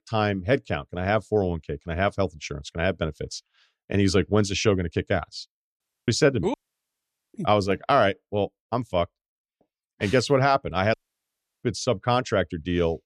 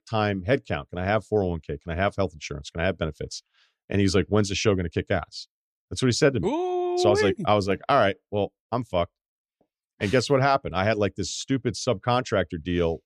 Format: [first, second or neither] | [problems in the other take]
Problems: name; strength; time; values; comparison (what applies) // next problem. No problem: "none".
second | audio cutting out; at 6 s, at 6.5 s for 1 s and at 11 s for 0.5 s